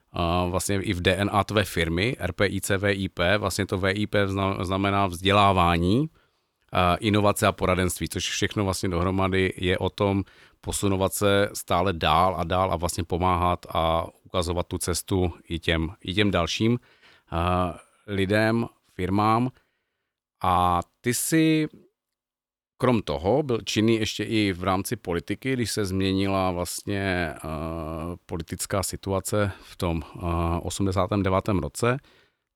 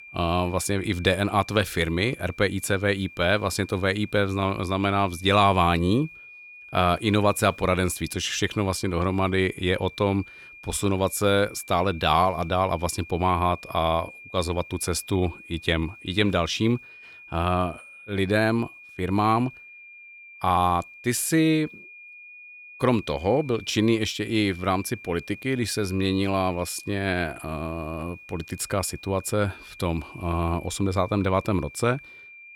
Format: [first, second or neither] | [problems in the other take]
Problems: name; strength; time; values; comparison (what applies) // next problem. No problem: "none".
first | high-pitched whine; noticeable; throughout; 2.5 kHz, 20 dB below the speech